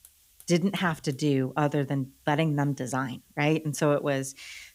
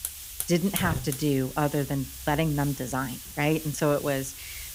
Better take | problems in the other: first | hiss; loud; throughout; 8 dB below the speech; faint in the first

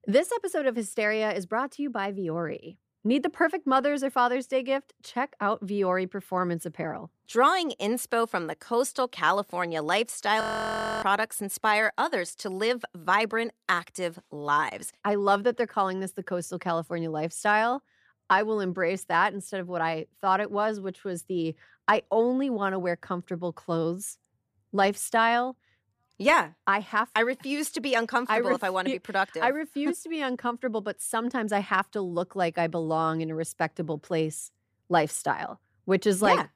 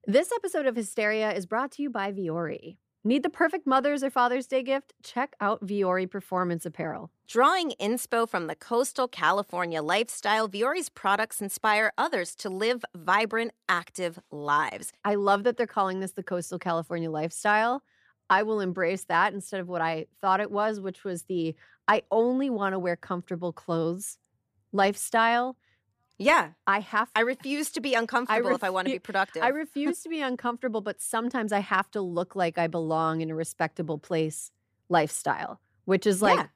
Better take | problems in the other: second | audio freezing; at 10 s for 0.5 s

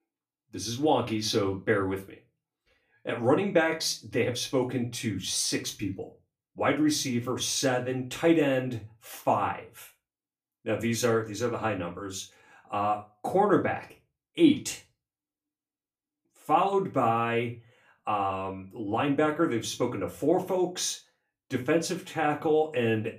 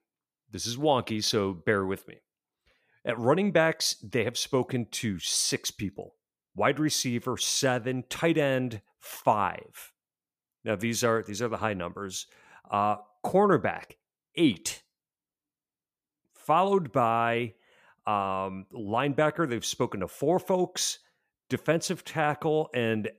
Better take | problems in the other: second | off-mic speech; far // room echo; very slight; dies away in 0.2 s

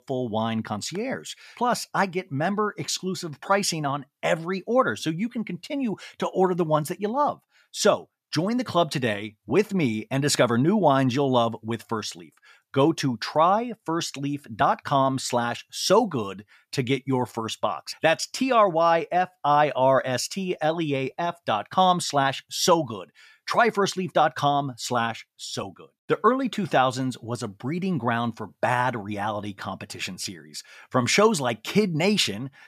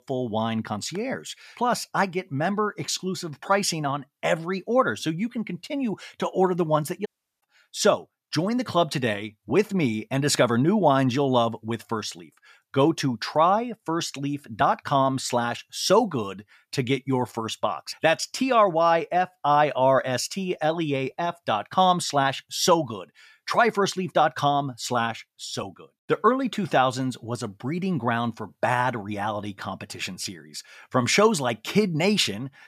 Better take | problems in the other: first | audio cutting out; at 7 s

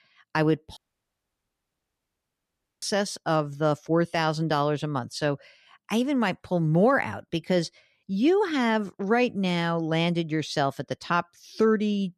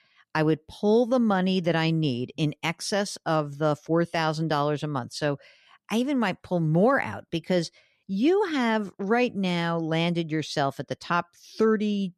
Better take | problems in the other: second | audio cutting out; at 1 s for 2 s

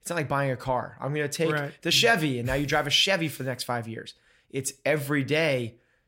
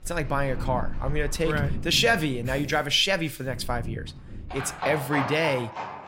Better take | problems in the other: first | animal sounds; loud; throughout; 9 dB below the speech

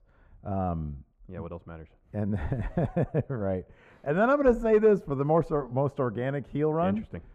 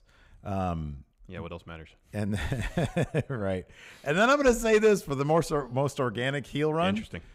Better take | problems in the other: second | muffled; very; fading above 2 kHz

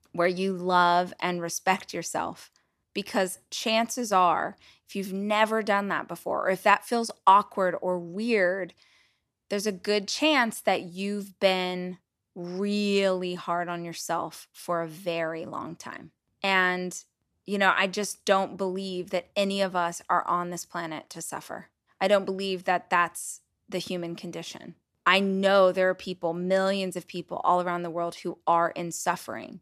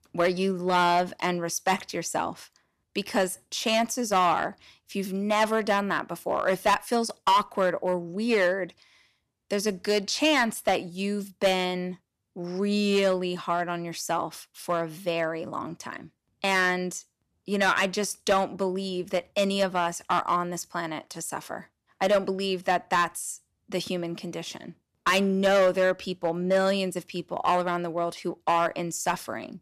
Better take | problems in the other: first | distortion; slight; 3% of the sound clipped

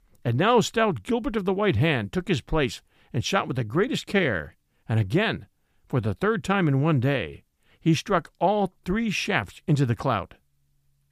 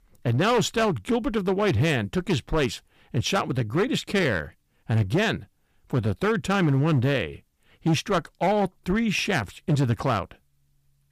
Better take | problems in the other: first | distortion; slight; 9% of the sound clipped

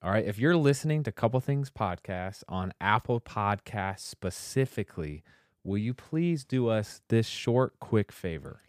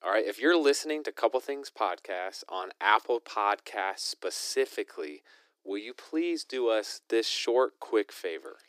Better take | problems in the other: first | thin; very; fading below 300 Hz

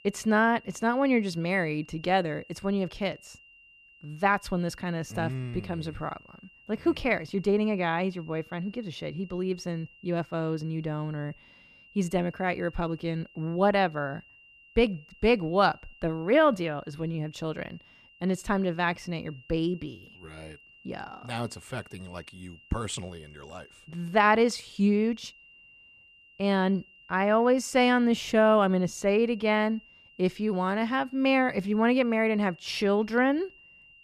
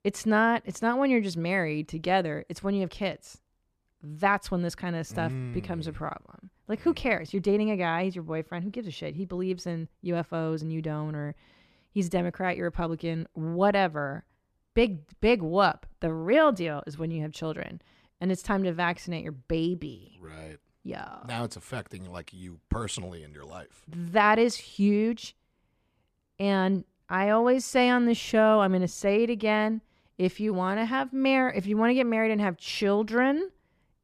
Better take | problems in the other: second | high-pitched whine; faint; throughout; 3 kHz, 25 dB below the speech

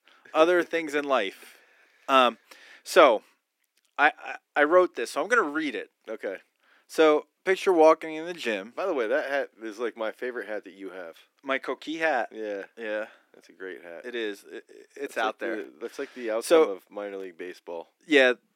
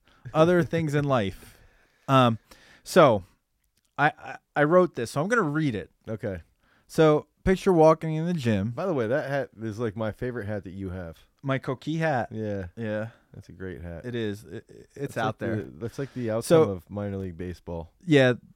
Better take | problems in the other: second | thin; somewhat; fading below 300 Hz

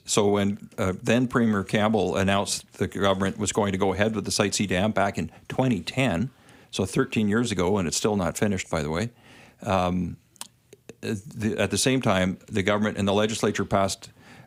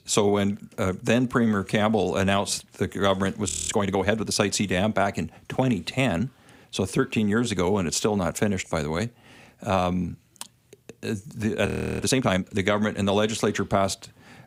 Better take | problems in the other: first | audio freezing; at 3.5 s and at 12 s

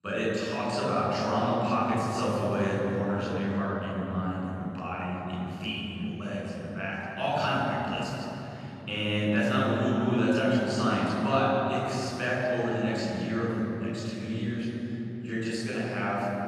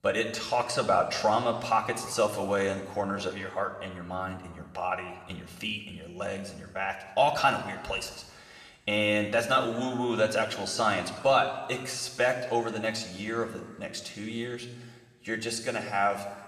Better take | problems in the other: second | room echo; strong; dies away in 3 s; slight in the second // off-mic speech; far

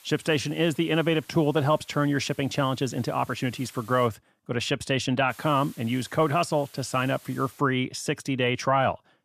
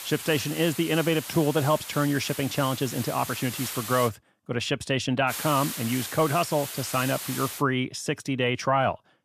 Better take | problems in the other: first | hiss; loud; until 4 s and from 5.5 to 7.5 s; 8 dB below the speech; faint in the first

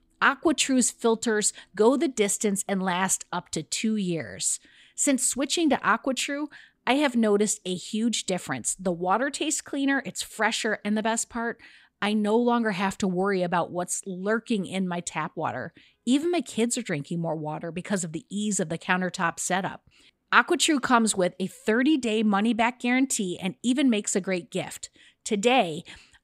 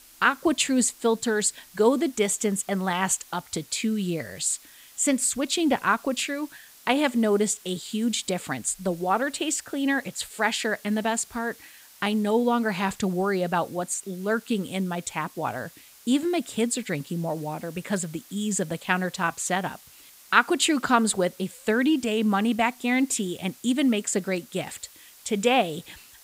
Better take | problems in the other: first | hiss; faint; throughout; 25 dB below the speech

